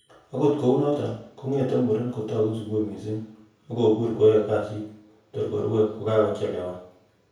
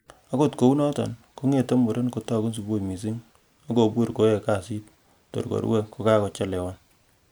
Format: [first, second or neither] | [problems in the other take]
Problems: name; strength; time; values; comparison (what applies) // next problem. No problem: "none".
second | room echo; dies away in 0.6 s